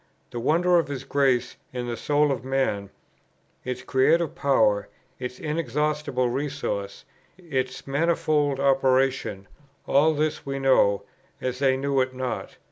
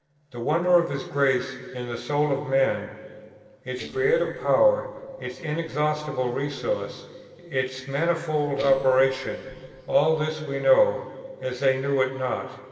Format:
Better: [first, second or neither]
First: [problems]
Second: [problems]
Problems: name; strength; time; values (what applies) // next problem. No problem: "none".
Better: first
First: none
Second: noise reduction (neural separator model SepFormer DNS4)